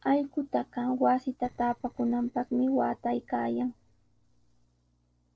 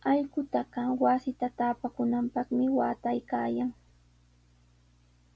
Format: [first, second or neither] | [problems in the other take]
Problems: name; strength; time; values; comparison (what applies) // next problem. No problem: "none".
second | noise reduction (neural separator model SepFormer DNS4)